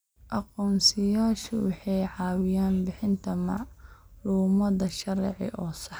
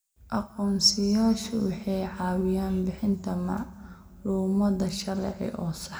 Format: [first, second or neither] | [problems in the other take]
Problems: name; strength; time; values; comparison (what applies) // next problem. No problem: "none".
first | room echo; dies away in 1.5 s